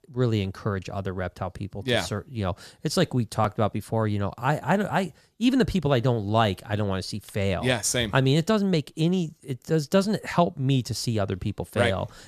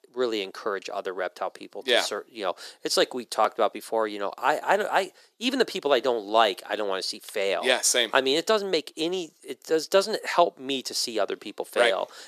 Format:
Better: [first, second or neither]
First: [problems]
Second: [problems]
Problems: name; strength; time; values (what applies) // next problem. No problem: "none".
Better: first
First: none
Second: thin; very; fading below 350 Hz